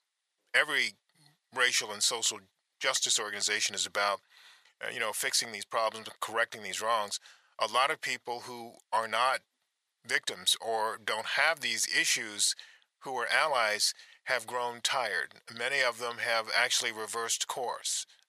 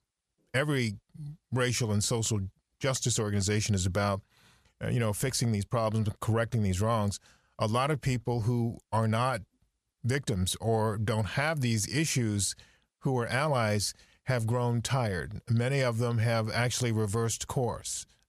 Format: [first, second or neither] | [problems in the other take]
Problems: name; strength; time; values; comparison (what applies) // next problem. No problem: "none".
second | thin; very; fading below 800 Hz